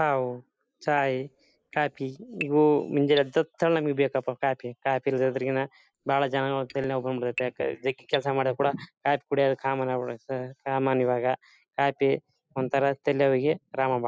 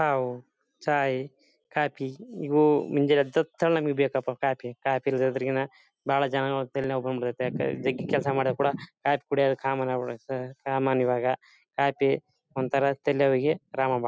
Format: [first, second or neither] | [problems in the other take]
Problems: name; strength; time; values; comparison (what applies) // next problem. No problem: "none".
second | noise reduction (neural mask model Resemble Enhance denoiser)